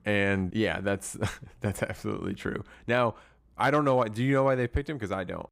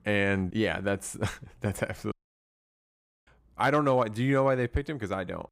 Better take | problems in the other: first | audio cutting out; at 2 s for 1 s

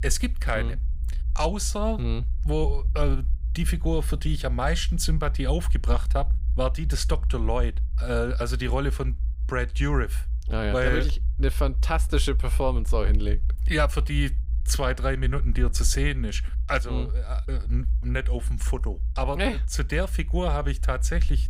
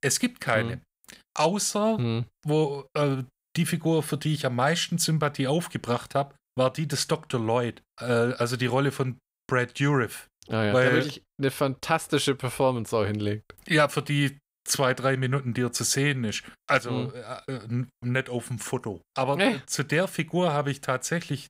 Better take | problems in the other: second | low rumble; noticeable; throughout; 20 dB below the speech

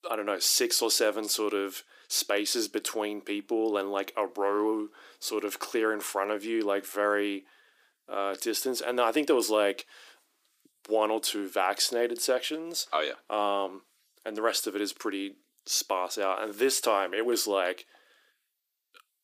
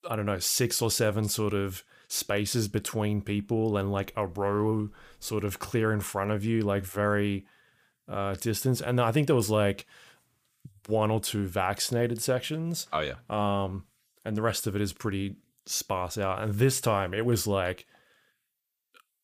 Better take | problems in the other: second | thin; somewhat; fading below 300 Hz

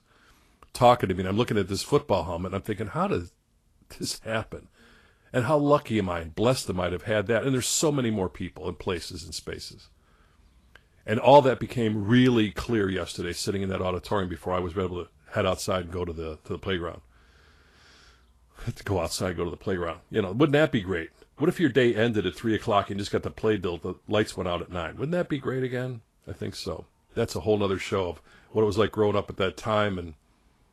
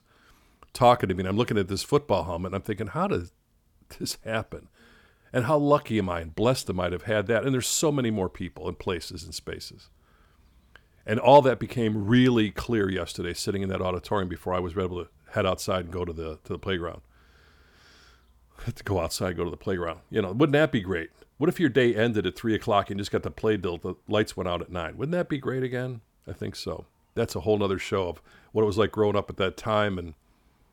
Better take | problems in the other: second | garbled, watery; slightly; nothing above 12.5 kHz

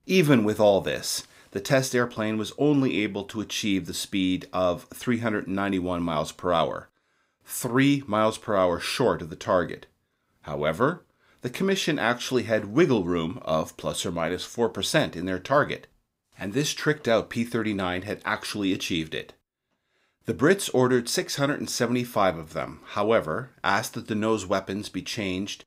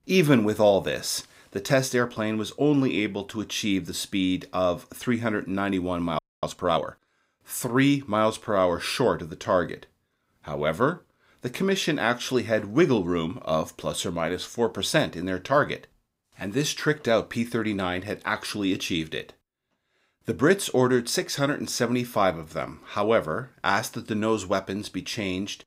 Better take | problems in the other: first | audio freezing; at 6 s

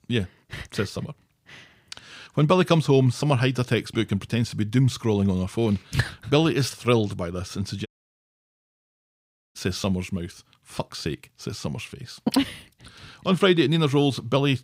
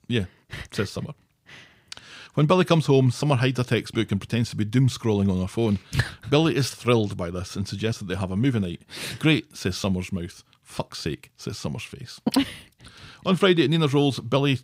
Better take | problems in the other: second | audio cutting out; at 8 s for 1.5 s

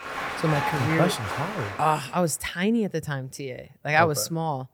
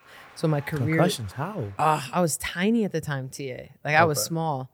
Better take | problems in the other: second | crowd noise; loud; until 1.5 s; 5 dB below the speech; faint in the second

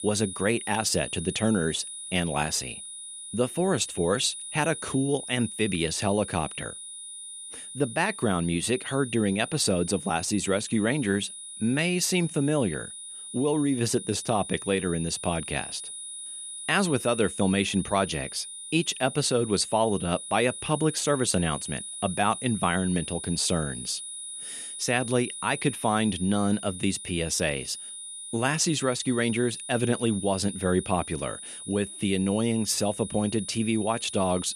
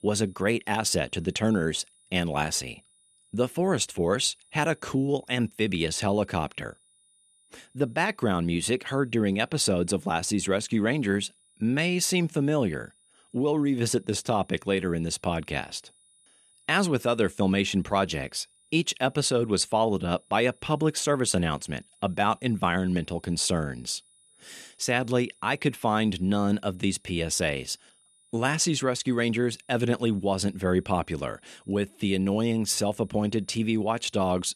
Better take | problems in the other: second | high-pitched whine; loud; throughout; 10 kHz, 9 dB below the speech; faint in the second

